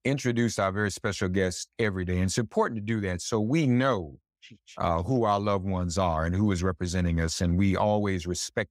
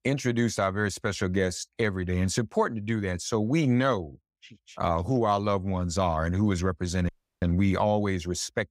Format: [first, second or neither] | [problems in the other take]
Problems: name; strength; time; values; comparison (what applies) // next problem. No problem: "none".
first | audio cutting out; at 7 s